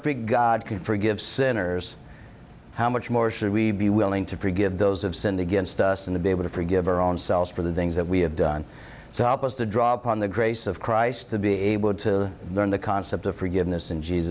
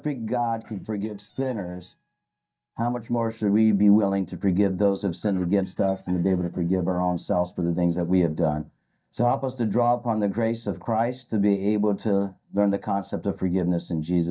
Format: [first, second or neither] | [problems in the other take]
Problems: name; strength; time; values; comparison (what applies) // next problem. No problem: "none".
first | noise reduction (neural mask model DeepFilterNet 3)